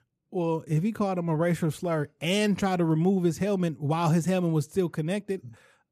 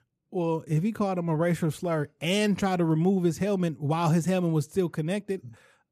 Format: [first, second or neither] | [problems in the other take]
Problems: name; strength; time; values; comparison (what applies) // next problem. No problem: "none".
neither | none